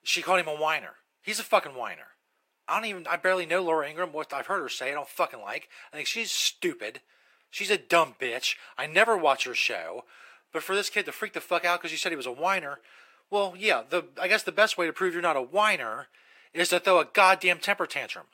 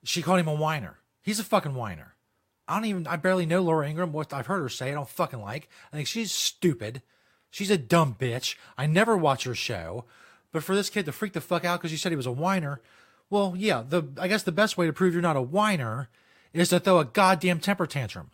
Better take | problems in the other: second | thin; very; fading below 350 Hz

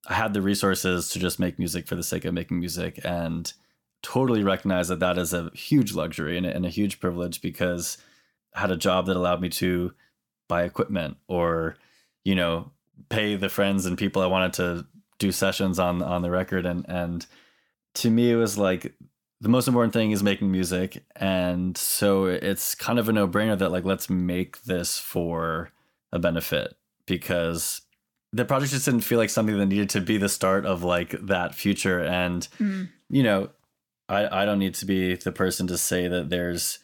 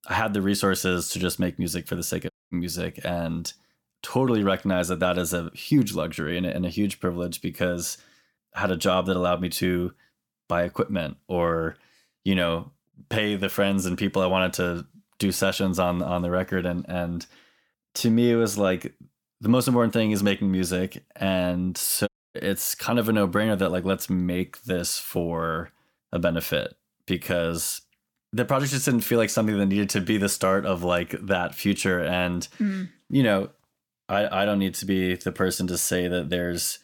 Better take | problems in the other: first | audio cutting out; at 2.5 s and at 22 s

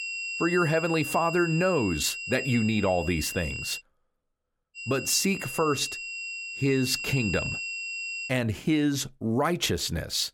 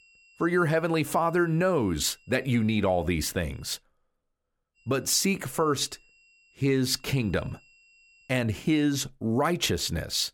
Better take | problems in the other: second | high-pitched whine; loud; until 4 s and from 5 to 8.5 s; 2.5 kHz, 6 dB below the speech; faint in the second

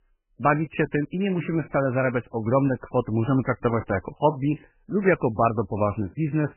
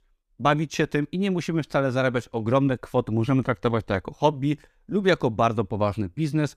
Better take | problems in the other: second | garbled, watery; badly; nothing above 3 kHz

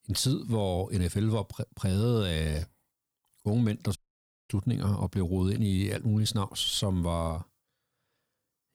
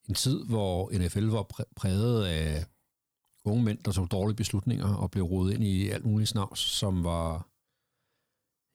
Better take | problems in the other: second | audio cutting out; at 4 s for 0.5 s

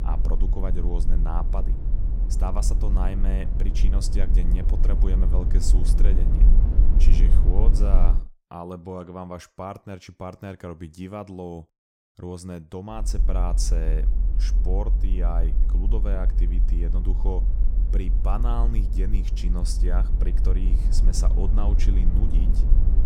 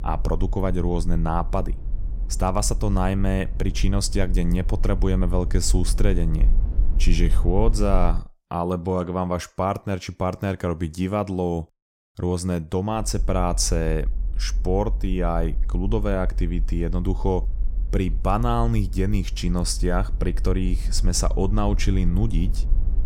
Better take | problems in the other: second | low rumble; loud; until 8 s and from 13 s on; 6 dB below the speech; faint in the second

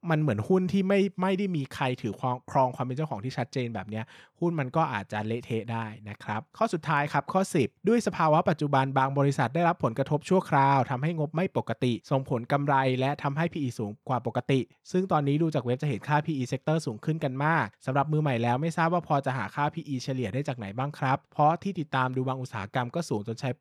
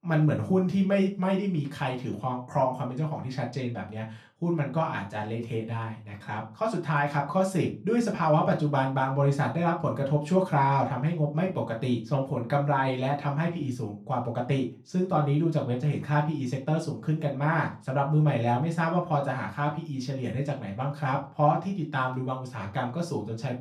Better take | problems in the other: first | off-mic speech; far // room echo; very slight; dies away in 0.3 s

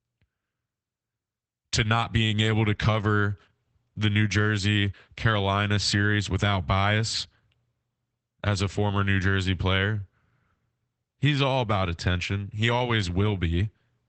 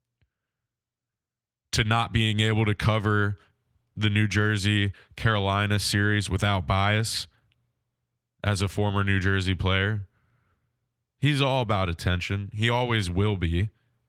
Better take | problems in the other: second | garbled, watery; badly; nothing above 8 kHz; slightly in the second

